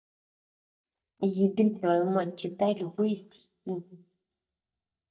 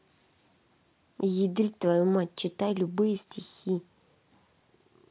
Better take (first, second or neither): second